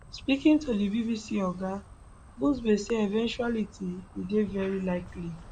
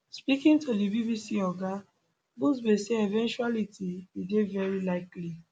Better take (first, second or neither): second